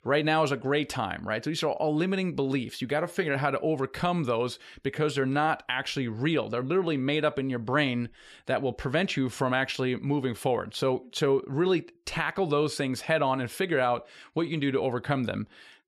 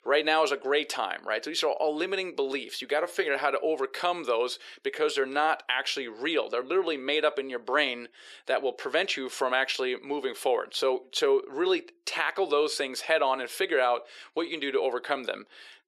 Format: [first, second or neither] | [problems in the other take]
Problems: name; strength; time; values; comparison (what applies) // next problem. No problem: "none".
first | thin; somewhat; fading below 400 Hz